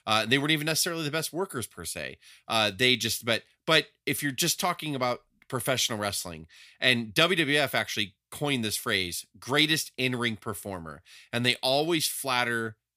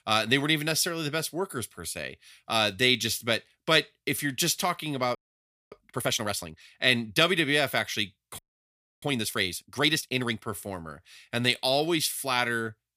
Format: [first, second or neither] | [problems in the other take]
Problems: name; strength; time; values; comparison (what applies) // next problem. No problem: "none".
first | audio freezing; at 5 s for 0.5 s and at 8.5 s for 0.5 s